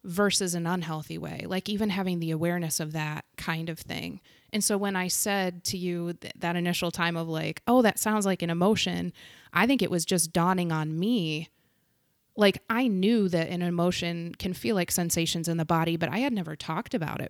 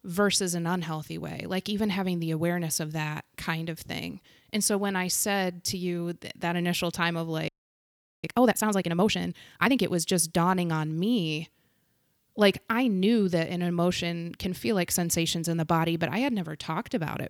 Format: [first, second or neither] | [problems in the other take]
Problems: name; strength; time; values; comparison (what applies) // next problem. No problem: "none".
first | audio freezing; at 7.5 s for 1 s